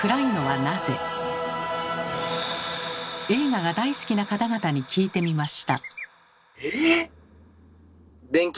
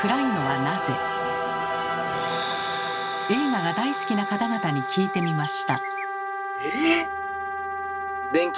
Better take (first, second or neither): first